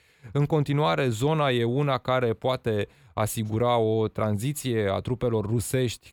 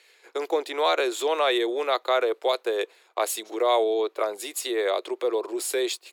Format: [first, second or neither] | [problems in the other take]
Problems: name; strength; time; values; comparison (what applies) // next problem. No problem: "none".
first | thin; very; fading below 350 Hz